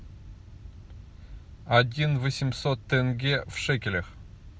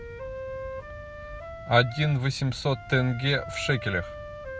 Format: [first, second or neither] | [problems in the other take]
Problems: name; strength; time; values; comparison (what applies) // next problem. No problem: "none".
first | background sound (Wind instrument, woodwind instrument); 12 dB below the speech